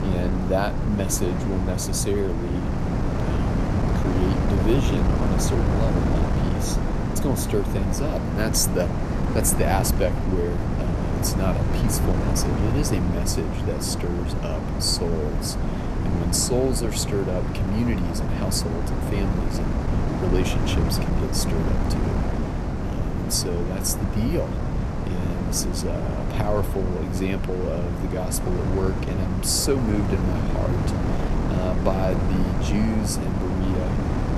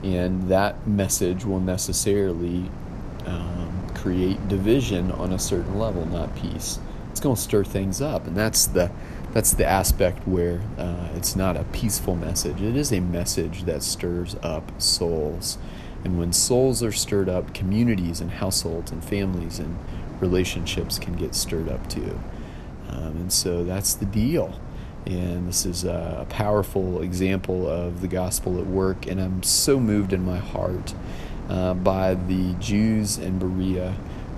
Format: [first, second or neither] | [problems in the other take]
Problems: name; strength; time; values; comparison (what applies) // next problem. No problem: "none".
second | wind noise on the microphone; heavy; 2 dB below the speech; occasional gusts in the second